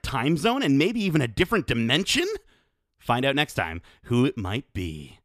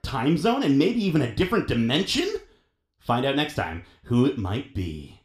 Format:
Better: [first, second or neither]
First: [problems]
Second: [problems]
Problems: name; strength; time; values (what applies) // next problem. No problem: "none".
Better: first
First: none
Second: room echo; very slight; dies away in 0.4 s